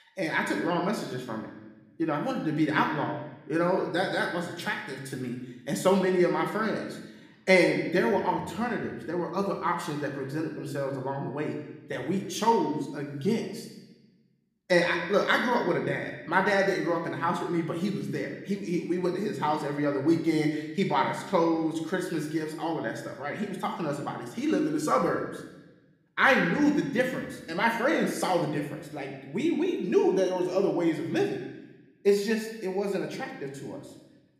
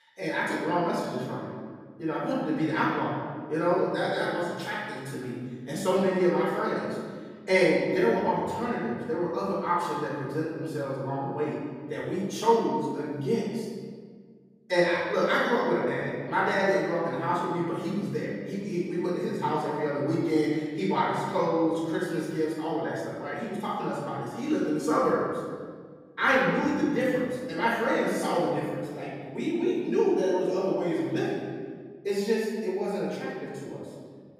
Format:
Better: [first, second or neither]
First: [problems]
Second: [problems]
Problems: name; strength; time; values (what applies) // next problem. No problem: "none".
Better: first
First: room echo; slight; dies away in 0.9 s // off-mic speech; somewhat distant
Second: room echo; strong; dies away in 1.7 s // off-mic speech; far